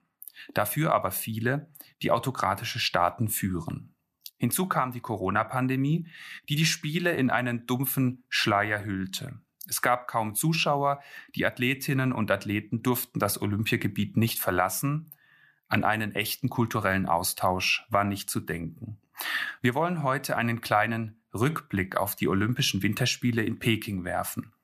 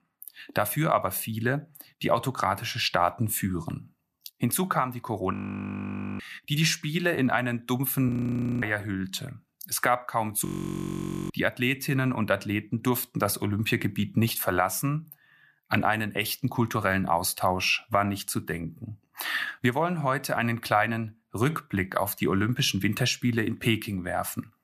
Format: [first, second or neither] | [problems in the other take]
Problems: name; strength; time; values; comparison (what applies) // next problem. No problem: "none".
first | audio freezing; at 5.5 s for 1 s, at 8 s for 0.5 s and at 10 s for 1 s